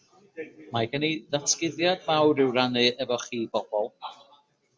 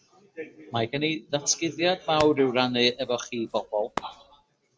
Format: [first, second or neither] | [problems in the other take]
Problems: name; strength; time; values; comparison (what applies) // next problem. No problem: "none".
first | background sound (Hands); 15 dB below the speech